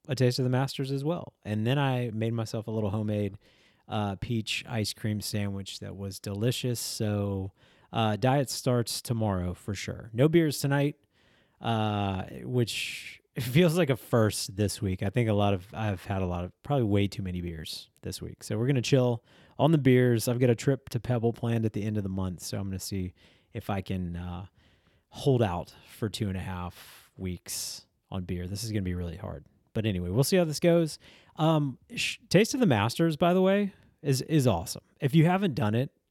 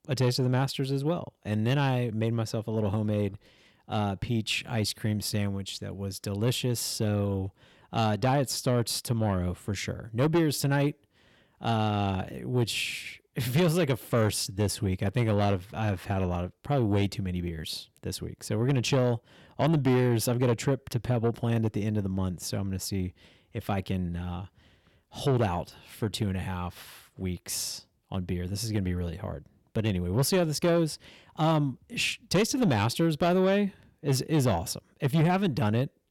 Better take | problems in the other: first | distortion; slight; 10 dB below the speech

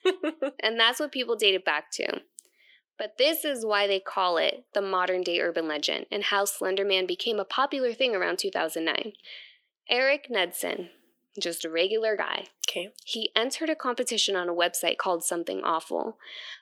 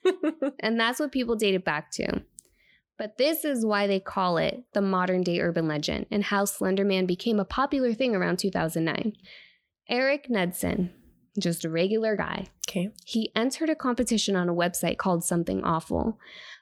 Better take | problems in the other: second | thin; somewhat; fading below 350 Hz

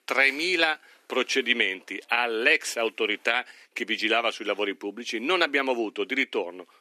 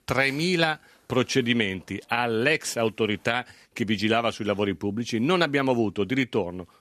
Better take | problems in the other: second | thin; somewhat; fading below 300 Hz

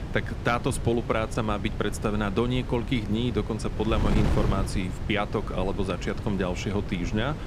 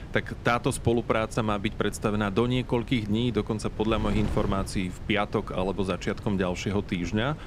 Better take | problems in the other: second | wind noise on the microphone; heavy; 10 dB below the speech; occasional gusts in the second

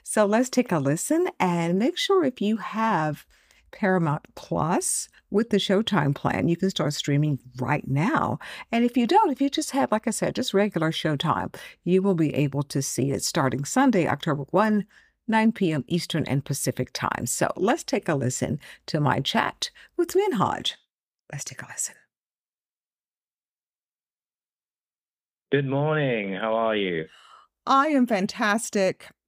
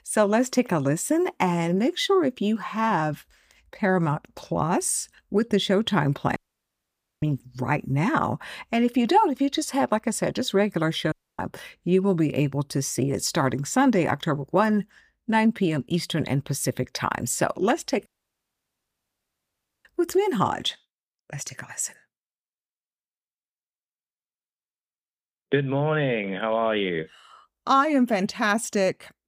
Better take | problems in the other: first | audio cutting out; at 6.5 s for 1 s, at 11 s and at 18 s for 2 s

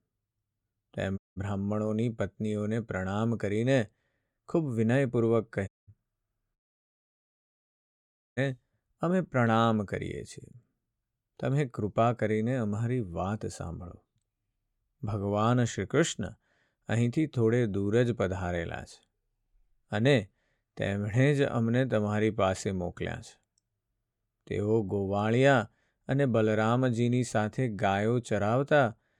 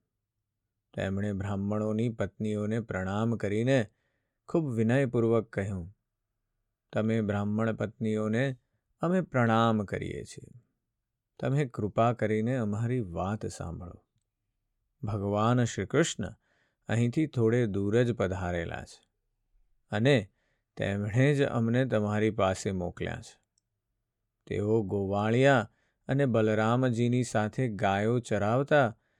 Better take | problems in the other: second | audio cutting out; at 1 s, at 5.5 s and at 6.5 s for 2 s

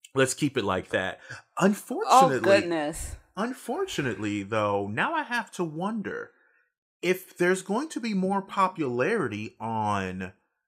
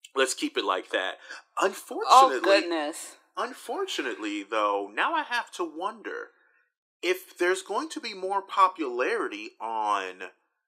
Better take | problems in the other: first | thin; somewhat; fading below 300 Hz

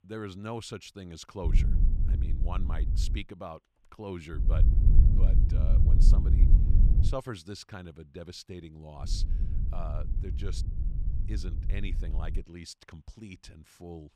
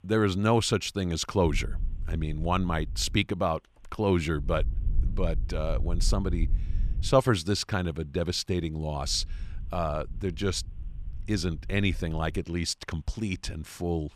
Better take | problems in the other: second | wind noise on the microphone; heavy; from 1.5 to 3 s, from 4.5 to 7 s and from 9 to 12 s; 3 dB below the speech; occasional gusts in the second

